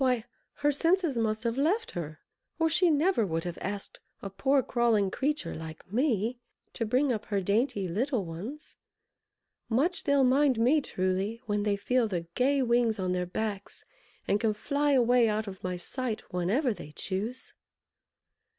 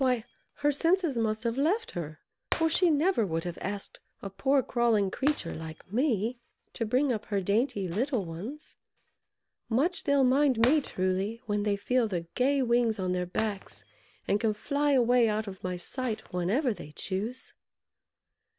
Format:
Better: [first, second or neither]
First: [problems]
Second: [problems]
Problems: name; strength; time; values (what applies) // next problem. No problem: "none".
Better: first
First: none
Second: background sound (Shatter); 19 dB below the speech